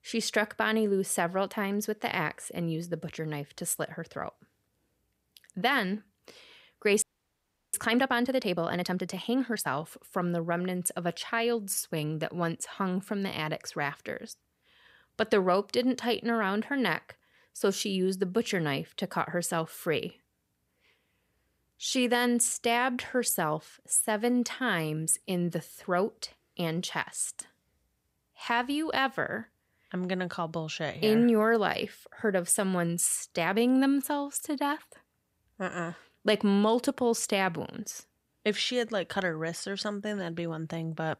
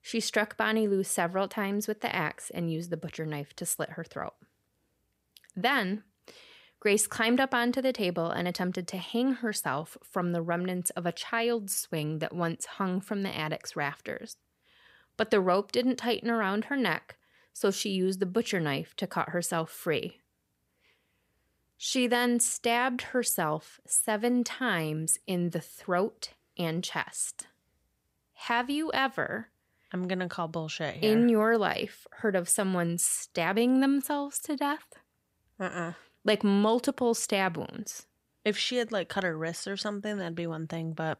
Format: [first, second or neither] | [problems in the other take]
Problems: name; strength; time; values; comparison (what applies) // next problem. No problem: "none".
second | audio freezing; at 7 s for 0.5 s